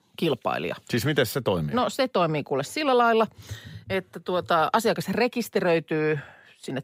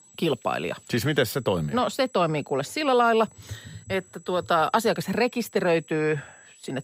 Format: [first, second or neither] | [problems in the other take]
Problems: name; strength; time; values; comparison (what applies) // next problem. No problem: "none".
first | high-pitched whine; faint; throughout; 8 kHz, 25 dB below the speech